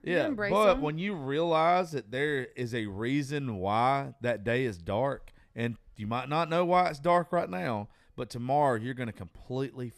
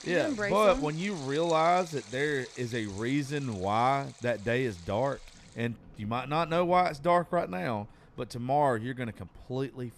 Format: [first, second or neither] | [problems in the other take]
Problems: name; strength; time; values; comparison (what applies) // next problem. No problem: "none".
first | rain or running water; noticeable; throughout; 20 dB below the speech